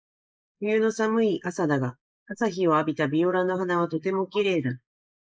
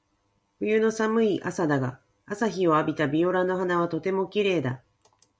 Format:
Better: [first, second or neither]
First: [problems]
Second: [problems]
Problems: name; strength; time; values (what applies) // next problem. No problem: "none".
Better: second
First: noise reduction (neural mask model Resemble Enhance denoiser)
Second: none